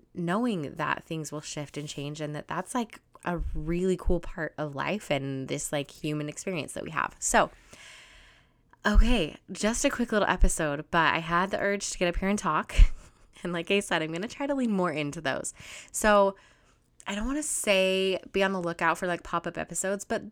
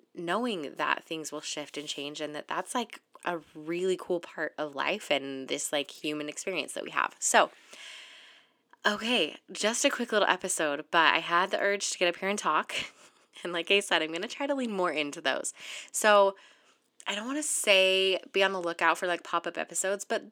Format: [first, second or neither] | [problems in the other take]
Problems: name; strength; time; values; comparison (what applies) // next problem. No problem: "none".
first | thin; very slightly; fading below 300 Hz